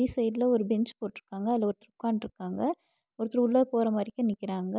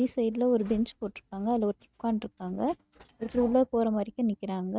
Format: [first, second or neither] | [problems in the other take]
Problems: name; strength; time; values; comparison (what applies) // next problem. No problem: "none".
first | noise reduction (neural mask model RNNoise)